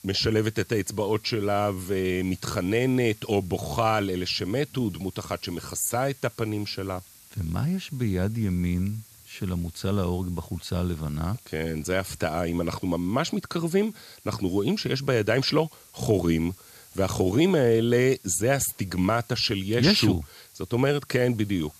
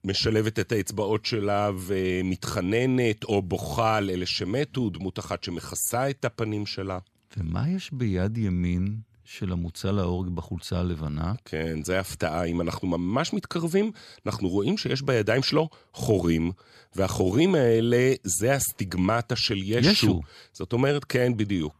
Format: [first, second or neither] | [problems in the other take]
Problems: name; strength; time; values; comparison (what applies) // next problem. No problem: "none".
second | hiss; faint; throughout; 25 dB below the speech